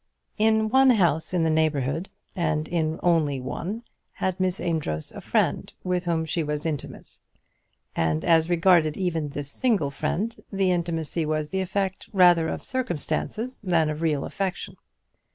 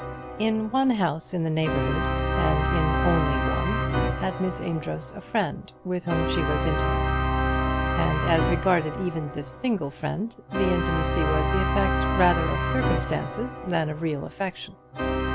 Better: first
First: none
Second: background sound (Organ); 1 dB above the speech

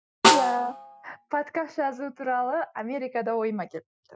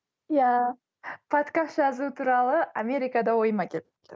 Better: second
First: noise reduction (classical method Wiener filter)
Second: none

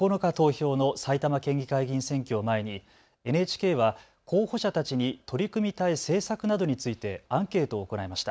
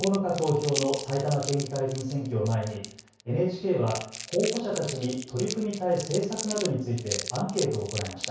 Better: first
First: none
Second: background sound (Crumpling, crinkling); 10 dB below the speech // room echo; dies away in 0.6 s

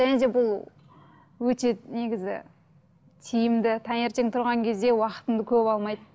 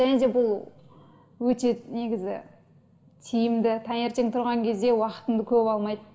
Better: first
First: none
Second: room echo; dies away in 0.9 s

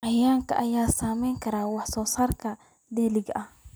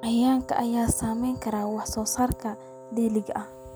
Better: first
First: none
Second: background sound (Wind instrument, woodwind instrument); 17 dB below the speech

